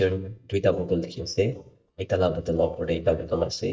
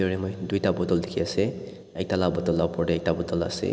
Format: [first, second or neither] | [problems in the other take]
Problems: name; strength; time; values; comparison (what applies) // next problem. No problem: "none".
second | noise reduction (neural mask model DeepFilterNet 3)